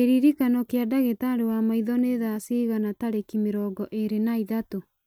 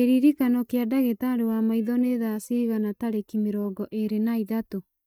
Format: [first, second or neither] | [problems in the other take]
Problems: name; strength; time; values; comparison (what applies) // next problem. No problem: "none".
first | noise reduction (neural mask model DeepFilterNet 3)